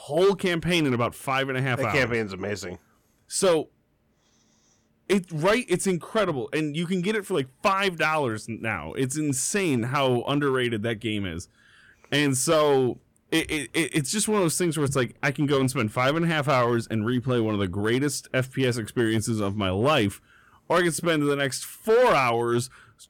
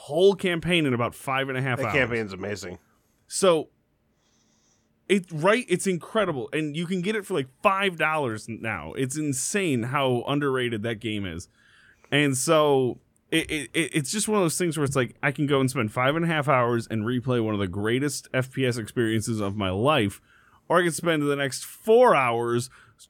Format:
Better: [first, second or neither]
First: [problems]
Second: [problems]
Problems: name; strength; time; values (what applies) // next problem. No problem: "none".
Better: second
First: distortion; slight; 4% of the sound clipped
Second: none